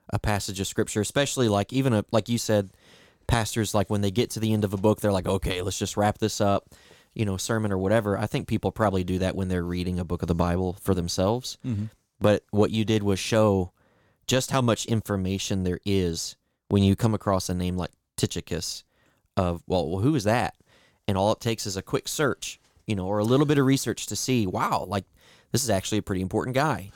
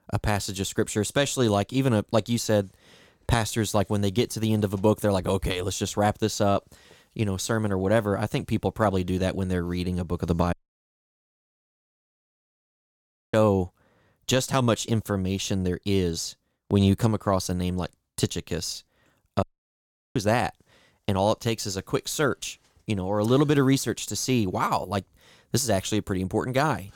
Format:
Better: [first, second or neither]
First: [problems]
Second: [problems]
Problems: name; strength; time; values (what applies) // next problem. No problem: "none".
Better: first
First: none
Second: audio cutting out; at 11 s for 3 s and at 19 s for 0.5 s